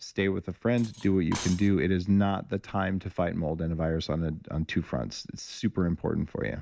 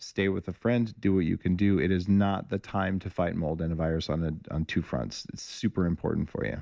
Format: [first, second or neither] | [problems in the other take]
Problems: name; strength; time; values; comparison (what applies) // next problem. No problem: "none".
second | background sound (Cutlery, silverware); 16 dB below the speech